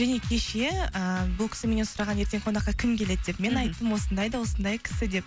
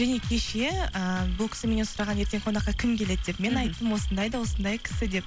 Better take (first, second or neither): first